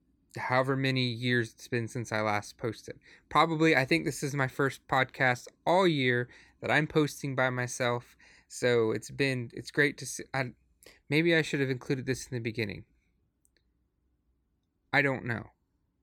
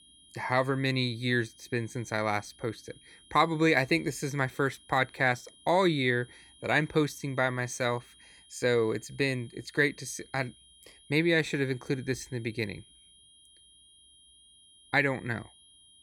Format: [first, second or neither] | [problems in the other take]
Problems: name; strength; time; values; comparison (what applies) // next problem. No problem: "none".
first | high-pitched whine; faint; throughout; 3 kHz, 25 dB below the speech